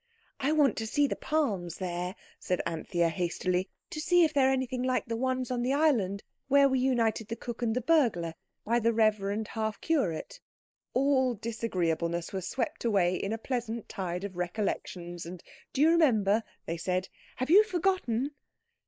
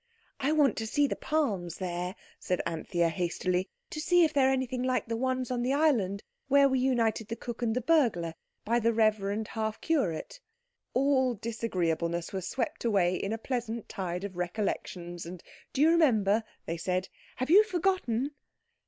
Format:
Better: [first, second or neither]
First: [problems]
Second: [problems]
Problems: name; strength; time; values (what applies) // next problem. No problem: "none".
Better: second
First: noise reduction (neural mask model Resemble Enhance denoiser)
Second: none